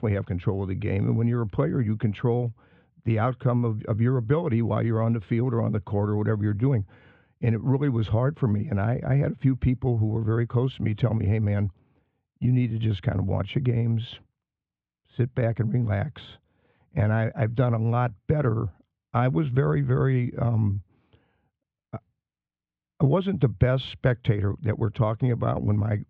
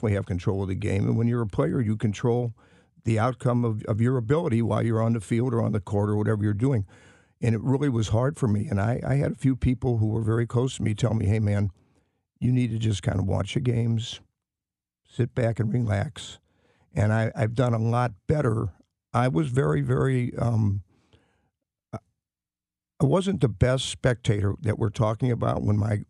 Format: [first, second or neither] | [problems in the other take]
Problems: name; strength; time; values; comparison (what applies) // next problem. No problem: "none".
second | muffled; very; fading above 3 kHz